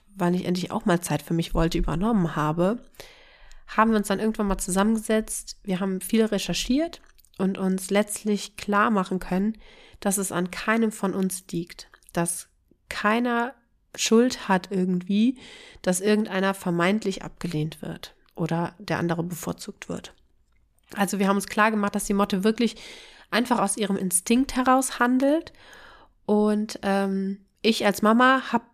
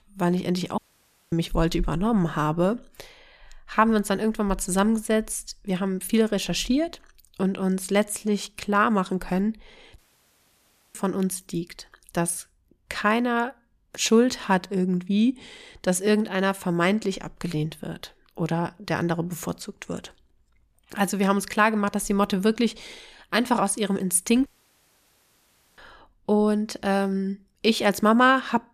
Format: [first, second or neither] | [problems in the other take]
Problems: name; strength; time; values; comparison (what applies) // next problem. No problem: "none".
first | audio cutting out; at 1 s for 0.5 s, at 10 s for 1 s and at 24 s for 1.5 s